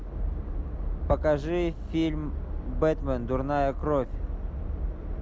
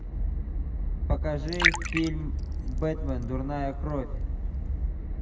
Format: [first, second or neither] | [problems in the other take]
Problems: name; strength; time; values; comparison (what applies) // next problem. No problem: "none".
first | background sound (Liquid); 5 dB below the speech // room echo; dies away in 1 s